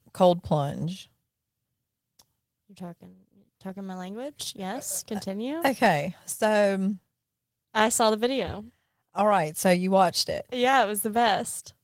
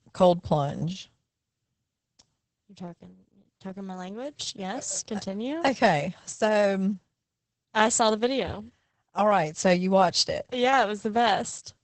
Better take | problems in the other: first | garbled, watery; badly; nothing above 8 kHz; slightly in the first

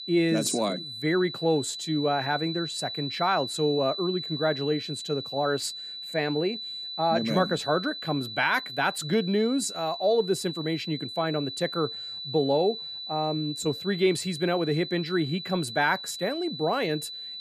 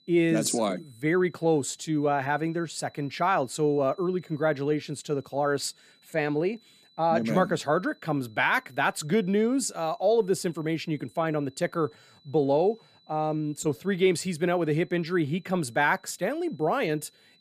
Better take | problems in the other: second | high-pitched whine; loud; throughout; 4 kHz, 7 dB below the speech; faint in the second

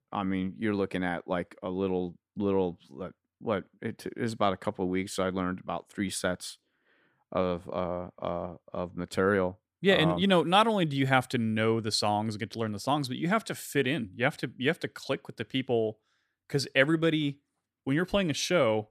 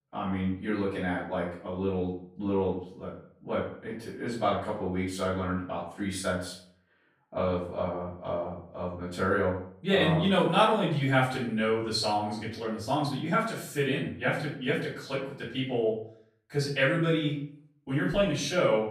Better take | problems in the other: first | off-mic speech; far // room echo; noticeable; dies away in 0.5 s

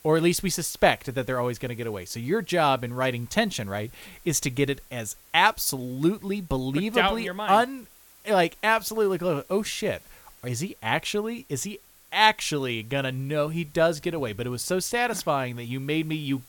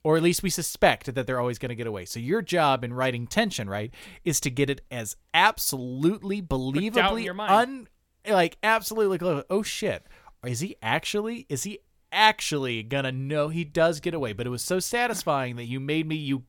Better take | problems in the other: second | hiss; faint; throughout; 25 dB below the speech

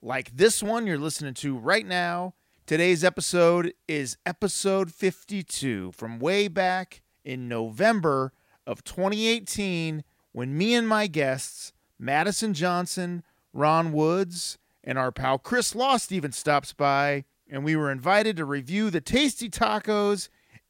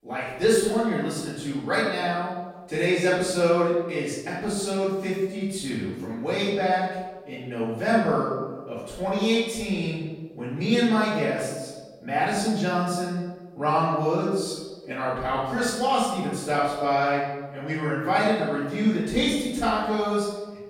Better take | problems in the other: first | off-mic speech; far // room echo; strong; dies away in 1.1 s

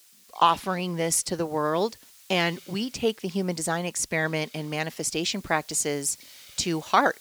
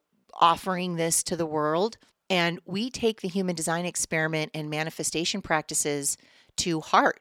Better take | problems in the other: second | hiss; faint; throughout; 25 dB below the speech

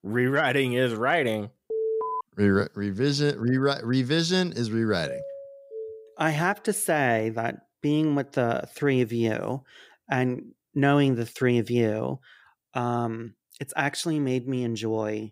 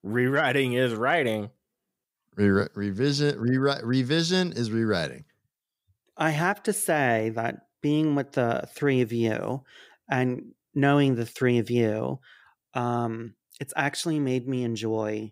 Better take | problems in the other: second | alarm; noticeable; at 1.5 s; peak 2 dB below the speech // doorbell; faint; from 5 to 6 s; peak 10 dB below the speech

